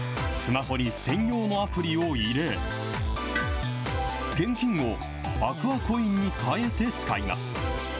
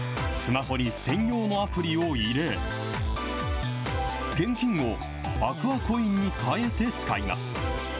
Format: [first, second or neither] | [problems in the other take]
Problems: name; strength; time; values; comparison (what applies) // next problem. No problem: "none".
second | background sound (Tools); 16 dB below the speech